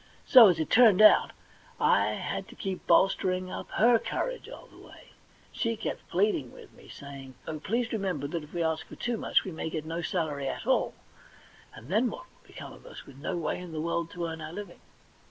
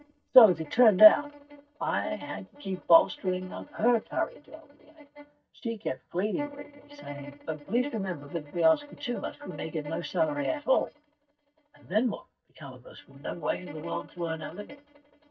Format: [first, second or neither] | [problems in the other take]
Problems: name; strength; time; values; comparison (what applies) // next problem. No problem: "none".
first | noise reduction (neural mask model DeepFilterNet 3)